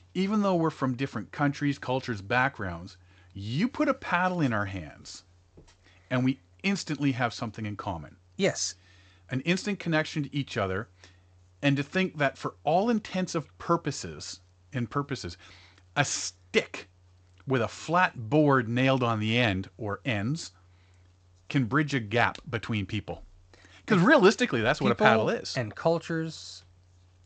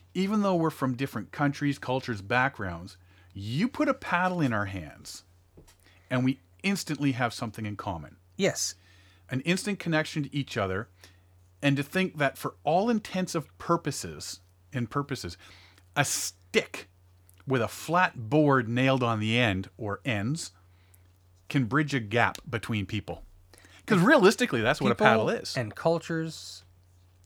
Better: second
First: garbled, watery; slightly; nothing above 7.5 kHz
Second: none

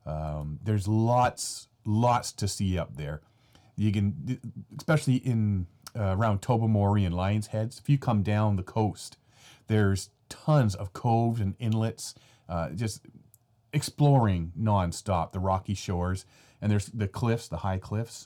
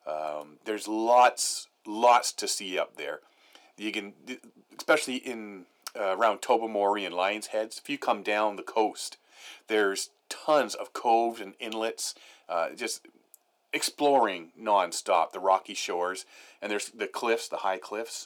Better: first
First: none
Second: thin; very; fading below 350 Hz

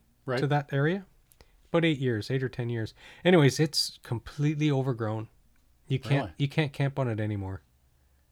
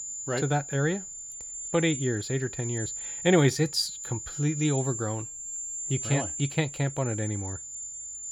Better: first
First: none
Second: high-pitched whine; loud; throughout; 7 kHz, 6 dB below the speech

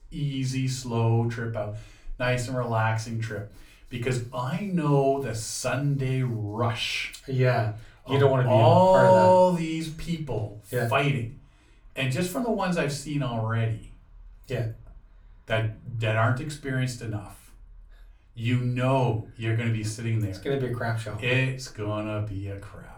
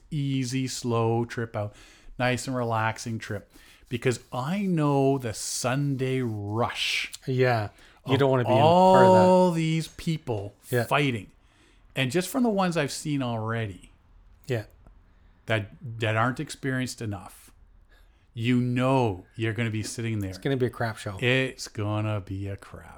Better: second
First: off-mic speech; far // room echo; very slight; dies away in 0.3 s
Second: none

